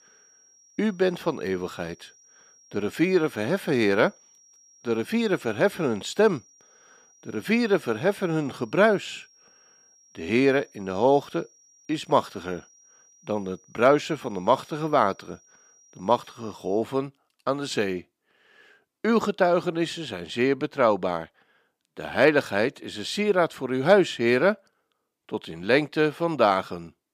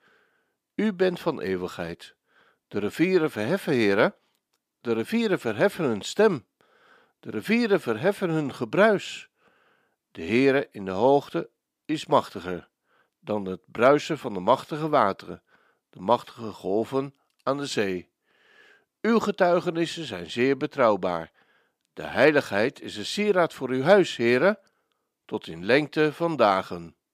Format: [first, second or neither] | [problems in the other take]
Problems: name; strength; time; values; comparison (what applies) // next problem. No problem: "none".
second | high-pitched whine; faint; until 17 s; 5.5 kHz, 30 dB below the speech